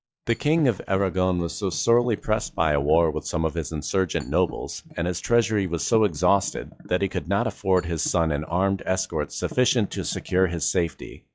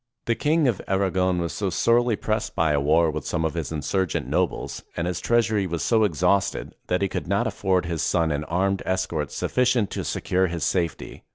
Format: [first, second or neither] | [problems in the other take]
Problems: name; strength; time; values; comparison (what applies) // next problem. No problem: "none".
second | noise reduction (classical method log-MMSE)